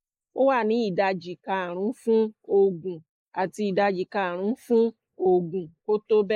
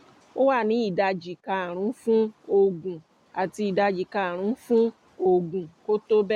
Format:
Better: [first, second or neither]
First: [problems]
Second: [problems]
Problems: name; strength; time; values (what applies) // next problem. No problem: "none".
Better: second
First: noise reduction (neural mask model Resemble Enhance denoiser)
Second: none